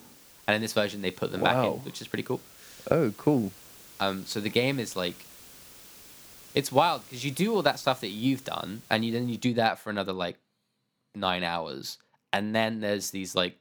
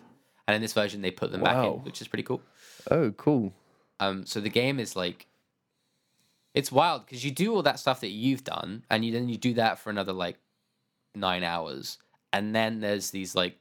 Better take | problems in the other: second | hiss; noticeable; until 9.5 s; 20 dB below the speech

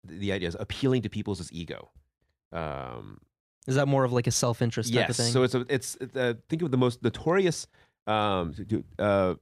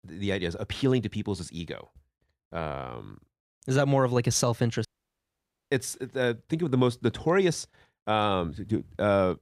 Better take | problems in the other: first | audio cutting out; at 5 s for 1 s

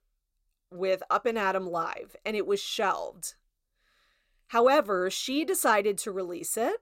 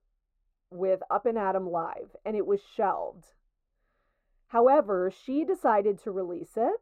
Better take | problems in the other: first | muffled; very; fading above 2 kHz

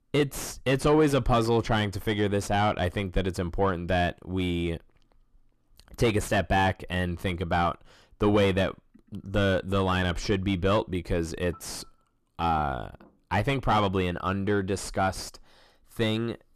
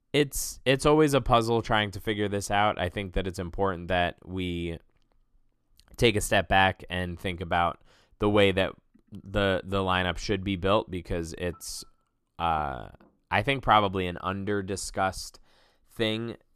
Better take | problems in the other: second | distortion; heavy; 7 dB below the speech

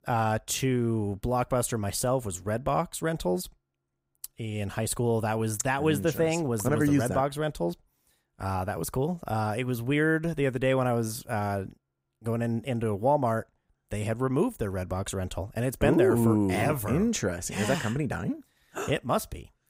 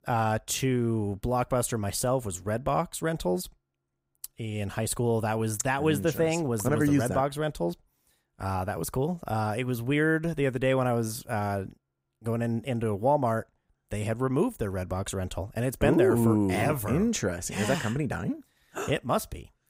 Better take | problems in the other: neither | none

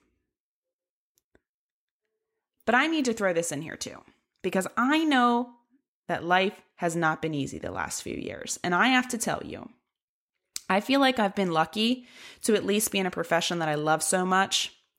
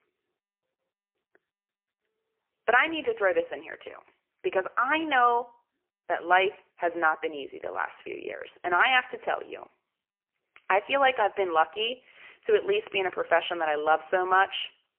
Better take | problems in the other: first | phone-call audio; poor line; nothing above 3 kHz

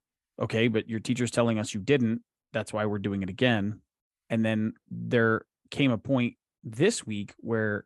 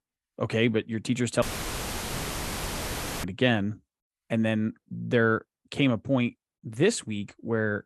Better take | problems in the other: first | audio cutting out; filled with static; at 1.5 s for 2 s

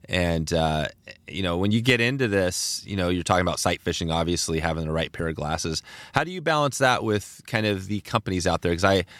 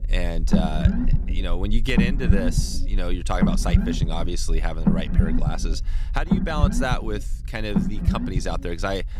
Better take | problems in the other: first | low rumble; loud; throughout; 3 dB below the speech

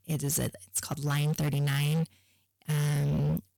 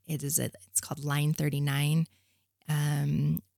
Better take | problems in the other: second | distortion; slight; 26% of the sound clipped

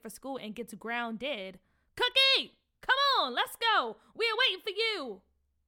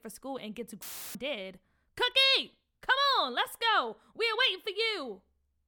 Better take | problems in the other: first | audio cutting out; filled with static; at 1 s

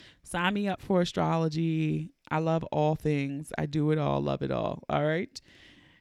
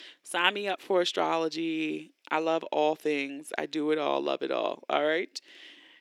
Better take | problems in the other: first | thin; somewhat; fading below 350 Hz

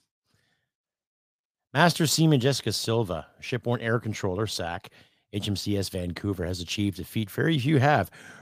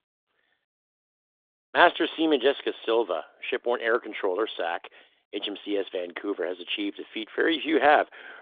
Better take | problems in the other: first | phone-call audio; nothing above 3.5 kHz

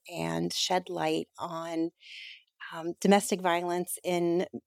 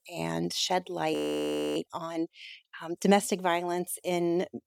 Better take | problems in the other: first | audio freezing; at 1 s for 0.5 s

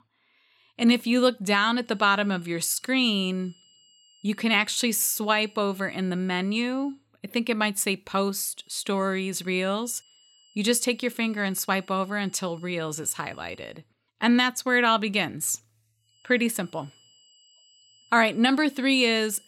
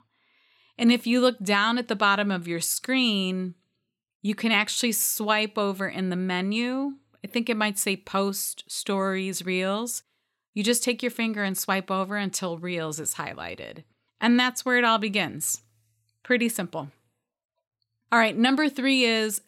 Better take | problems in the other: second | high-pitched whine; faint; from 2 to 7 s, from 8.5 to 14 s and from 16 s on; 3 kHz, 30 dB below the speech

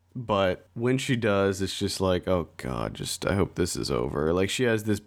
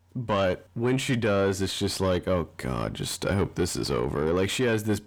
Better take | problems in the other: first | distortion; slight; 10 dB below the speech

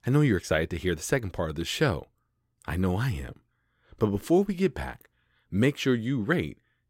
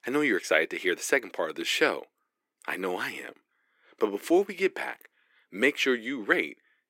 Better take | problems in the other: first | thin; somewhat; fading below 300 Hz

